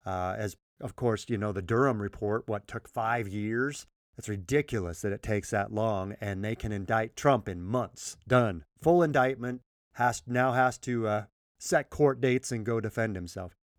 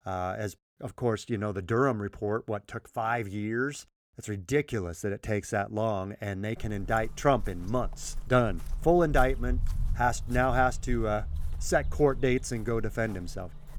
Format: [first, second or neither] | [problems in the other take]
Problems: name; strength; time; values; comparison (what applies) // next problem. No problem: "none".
first | footsteps; noticeable; from 6.5 s on; peak 3 dB below the speech